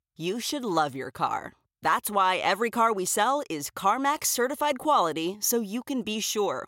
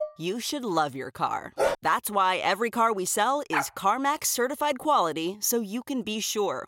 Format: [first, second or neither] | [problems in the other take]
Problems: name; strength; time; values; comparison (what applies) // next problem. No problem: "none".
first | clattering dishes; faint; at the start; peak 10 dB below the speech // dog barking; noticeable; at 1.5 s and at 3.5 s; peak 1 dB below the speech